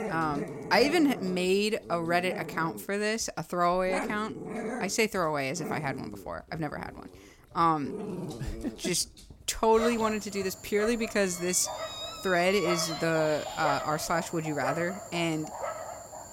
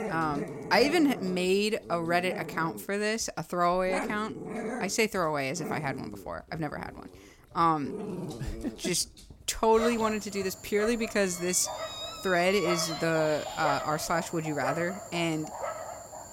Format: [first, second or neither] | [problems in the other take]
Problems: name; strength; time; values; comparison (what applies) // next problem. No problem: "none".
neither | animal sounds; loud; throughout; 9 dB below the speech; the same in both